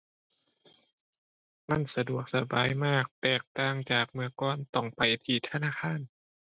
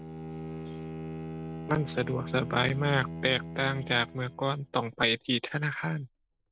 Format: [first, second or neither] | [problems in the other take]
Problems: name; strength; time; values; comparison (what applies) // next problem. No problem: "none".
first | background sound (Bowed string instrument); 9 dB below the speech